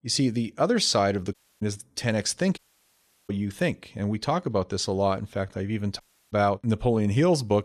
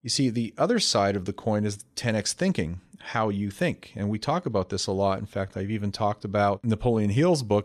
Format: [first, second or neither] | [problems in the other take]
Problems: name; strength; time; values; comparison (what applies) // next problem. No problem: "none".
second | audio cutting out; at 1.5 s, at 2.5 s for 0.5 s and at 6 s